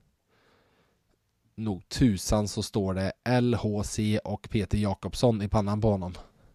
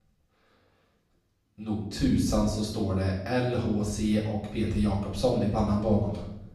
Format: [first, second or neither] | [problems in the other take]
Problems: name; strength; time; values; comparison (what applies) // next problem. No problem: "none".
first | off-mic speech; far // room echo; noticeable; dies away in 0.7 s